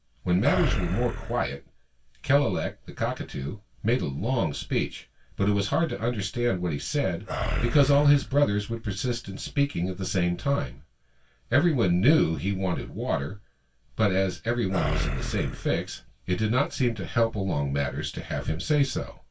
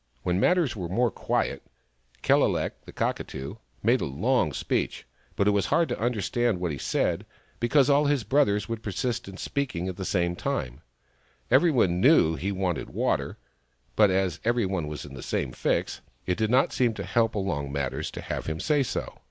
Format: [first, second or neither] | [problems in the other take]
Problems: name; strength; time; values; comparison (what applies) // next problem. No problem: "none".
second | background sound (Animal); 3 dB below the speech // room echo; dies away in 0.1 s